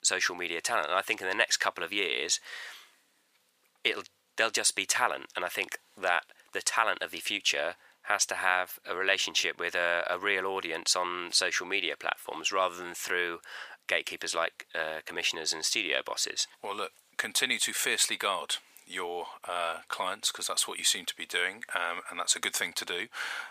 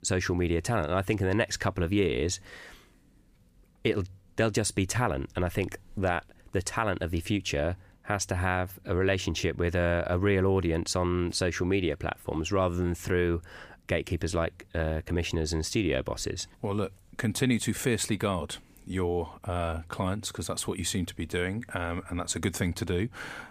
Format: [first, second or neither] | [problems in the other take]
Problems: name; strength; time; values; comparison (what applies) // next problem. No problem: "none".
second | thin; very; fading below 850 Hz